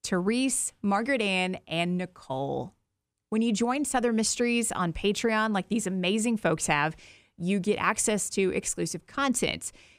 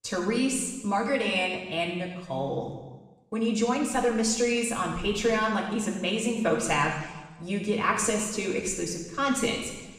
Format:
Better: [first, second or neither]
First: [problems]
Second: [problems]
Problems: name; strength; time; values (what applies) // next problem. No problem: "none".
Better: first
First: none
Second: room echo; noticeable; dies away in 1.1 s // off-mic speech; far